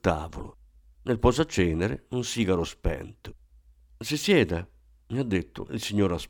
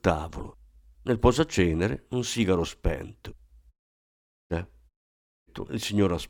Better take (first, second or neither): first